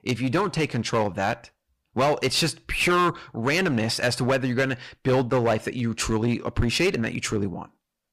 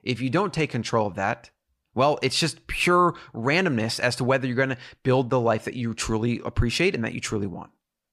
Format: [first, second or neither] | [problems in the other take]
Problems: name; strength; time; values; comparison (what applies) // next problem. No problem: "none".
second | distortion; slight; 8% of the sound clipped